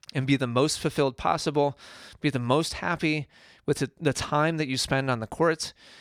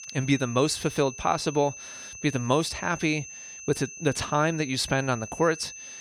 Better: first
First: none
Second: high-pitched whine; noticeable; throughout; 6 kHz, 15 dB below the speech

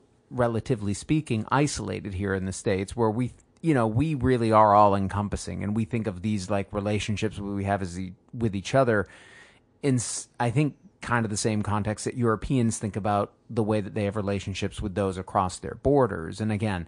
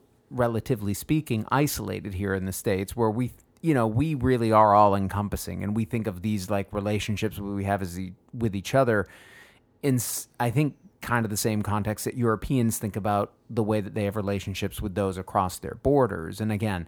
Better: second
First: garbled, watery; slightly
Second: none

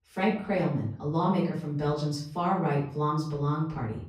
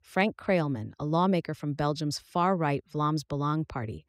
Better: second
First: off-mic speech; far // room echo; noticeable; dies away in 0.5 s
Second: none

